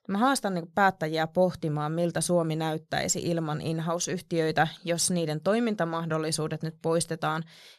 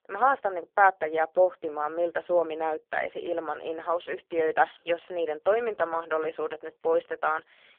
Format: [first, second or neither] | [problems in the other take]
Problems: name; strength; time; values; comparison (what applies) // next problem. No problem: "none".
first | phone-call audio; poor line